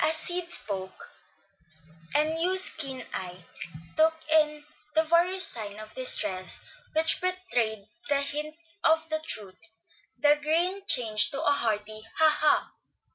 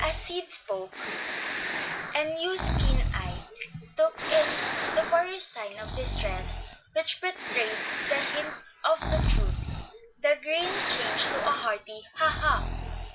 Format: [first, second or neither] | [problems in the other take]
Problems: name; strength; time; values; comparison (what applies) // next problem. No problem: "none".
first | background sound (Breathing); 1 dB below the speech